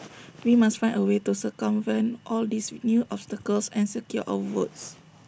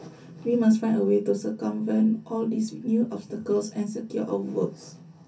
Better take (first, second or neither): first